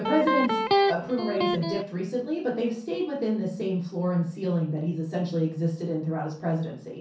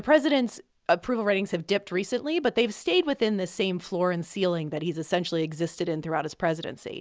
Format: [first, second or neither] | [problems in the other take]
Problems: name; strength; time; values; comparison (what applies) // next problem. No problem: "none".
second | background sound (Electric guitar); 2 dB above the speech // room echo; dies away in 0.6 s